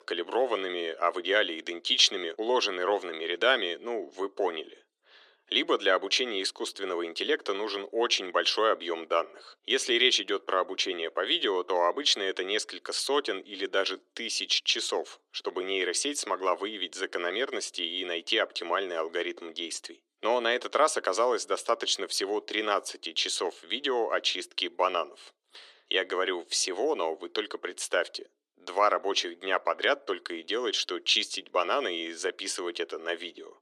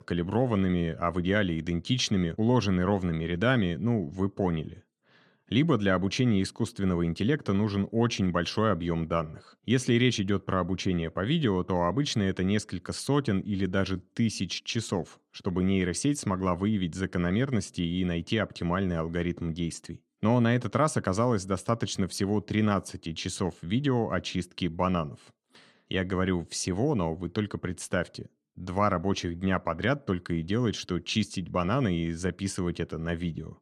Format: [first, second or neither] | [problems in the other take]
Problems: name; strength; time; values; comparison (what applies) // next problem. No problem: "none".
second | thin; very; fading below 350 Hz